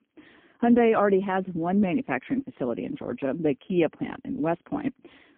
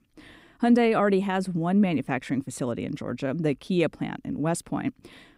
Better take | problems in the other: second | phone-call audio; poor line

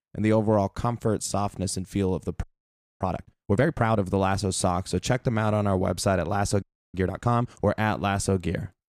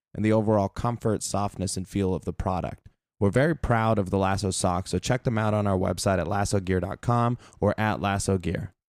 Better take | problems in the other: second | audio freezing; at 2.5 s for 0.5 s and at 6.5 s

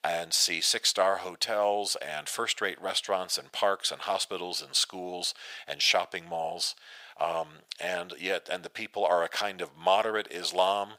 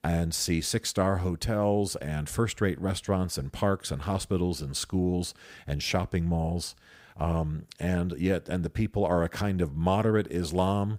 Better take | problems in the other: second | thin; very; fading below 650 Hz

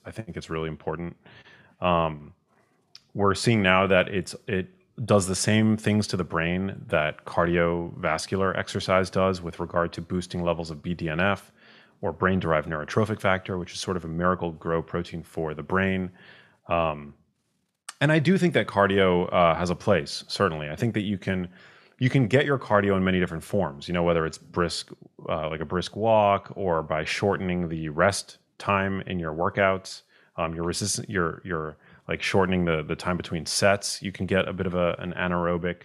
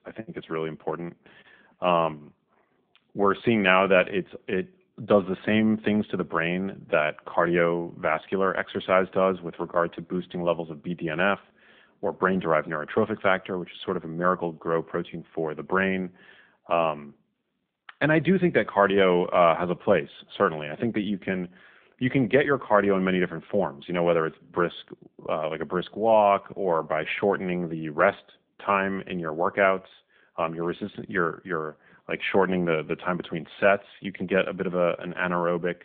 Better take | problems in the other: first | phone-call audio

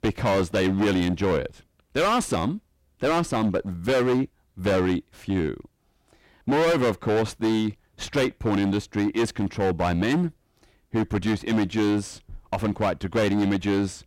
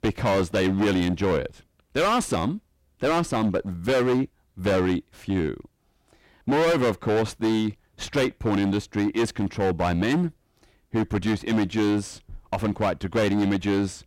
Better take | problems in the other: neither | distortion; heavy; 16% of the sound clipped; the same in both

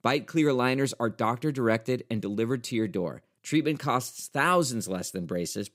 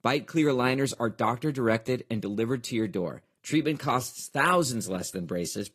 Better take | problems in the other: first | garbled, watery; slightly; nothing above 14.5 kHz

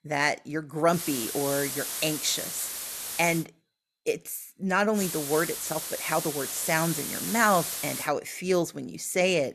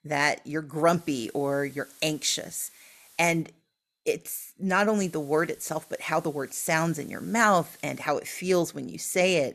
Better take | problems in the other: second | hiss; loud; from 1 to 3.5 s and from 5 to 8 s; 4 dB below the speech; faint in the second

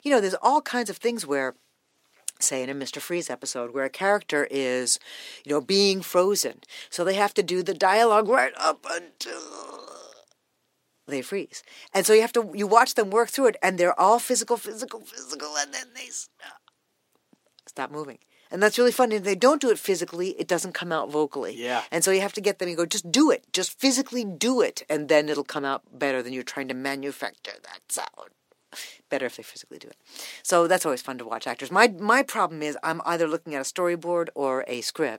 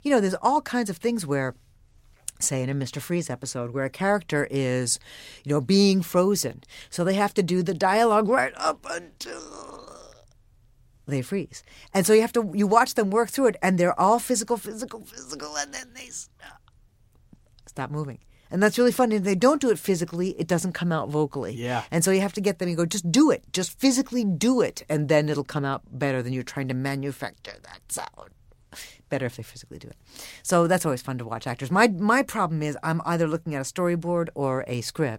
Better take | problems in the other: second | thin; very slightly; fading below 300 Hz

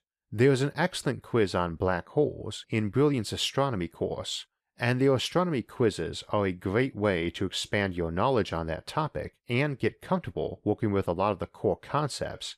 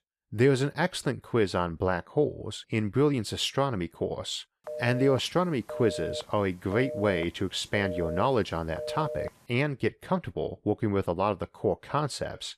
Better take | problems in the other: first | phone ringing; noticeable; from 4.5 to 9.5 s; peak 6 dB below the speech

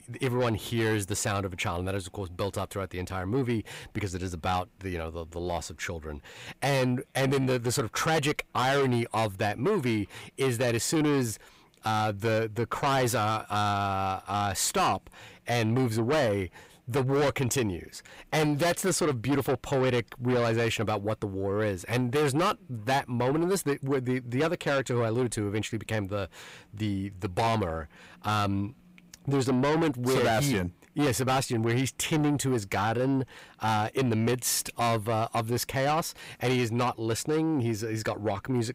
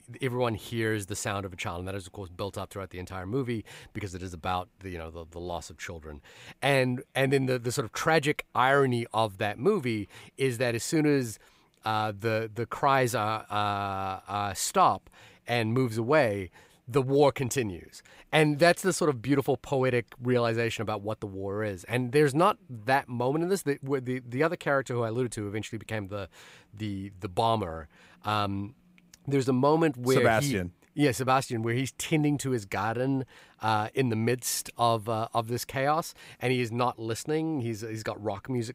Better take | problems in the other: second | distortion; heavy; 7 dB below the speech

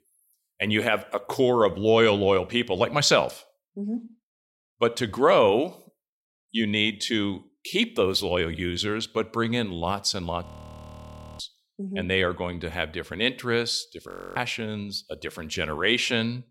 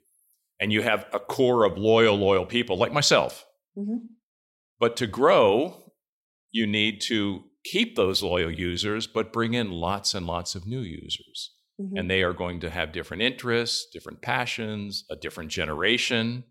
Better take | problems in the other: second | audio freezing; at 10 s for 1 s and at 14 s

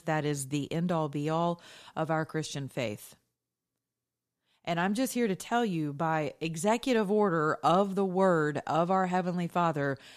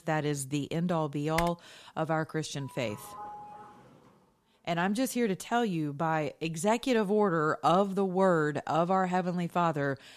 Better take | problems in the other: first | keyboard typing; noticeable; at 1.5 s; peak 8 dB below the speech // doorbell; faint; from 2.5 to 4 s; peak 15 dB below the speech

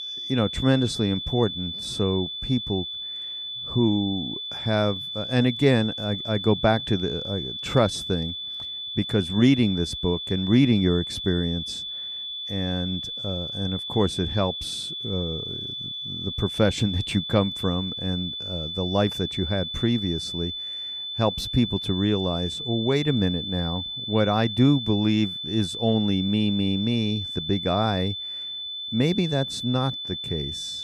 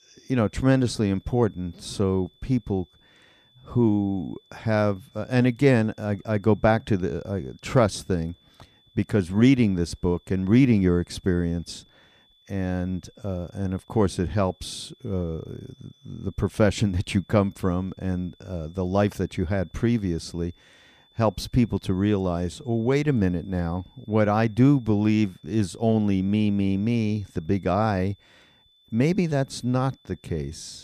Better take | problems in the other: second | high-pitched whine; loud; throughout; 3.5 kHz, 5 dB below the speech; faint in the second

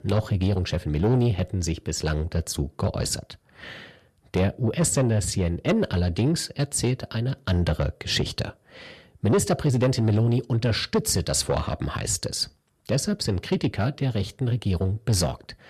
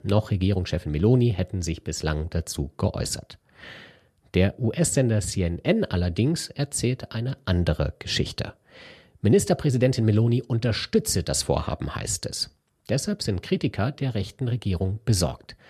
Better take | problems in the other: second | distortion; slight; 10 dB below the speech

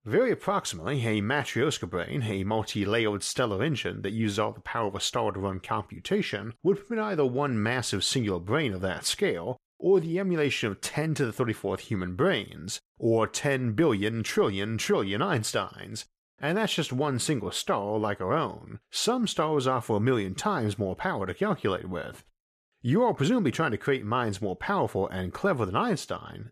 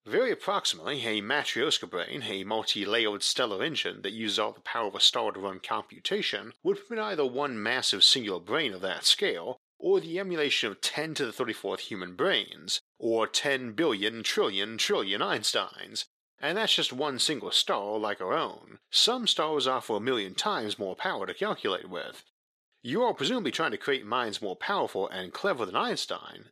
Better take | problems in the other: first | thin; somewhat; fading below 300 Hz

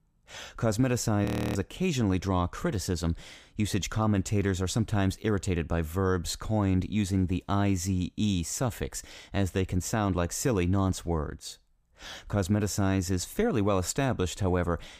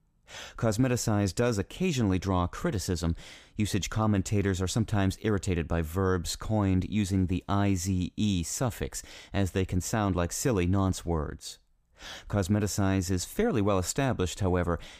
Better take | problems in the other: second | audio freezing; at 1.5 s

